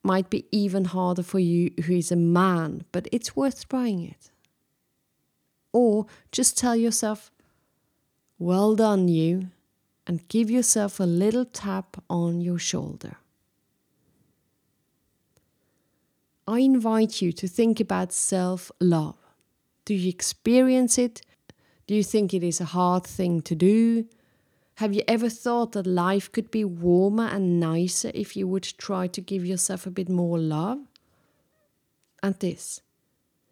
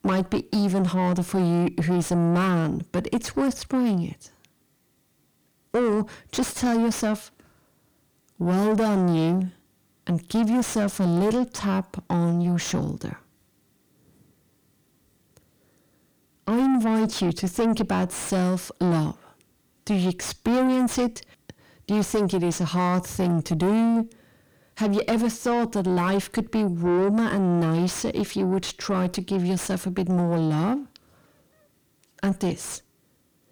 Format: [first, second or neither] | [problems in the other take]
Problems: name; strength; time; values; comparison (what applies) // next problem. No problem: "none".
first | distortion; heavy; 6 dB below the speech